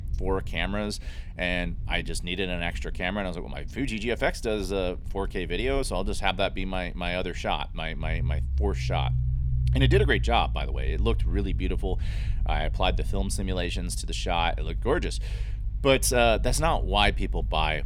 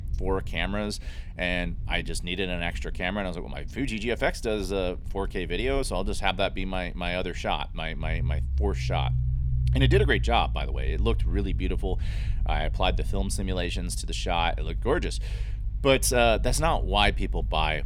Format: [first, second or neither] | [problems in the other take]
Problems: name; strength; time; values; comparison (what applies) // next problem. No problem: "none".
neither | low rumble; faint; throughout; 20 dB below the speech; the same in both